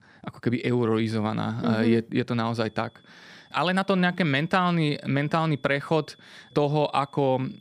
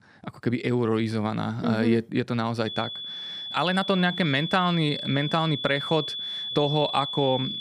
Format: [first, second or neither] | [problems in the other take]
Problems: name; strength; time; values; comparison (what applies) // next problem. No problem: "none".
first | high-pitched whine; loud; from 2.5 s on; 3.5 kHz, 5 dB below the speech; faint in the first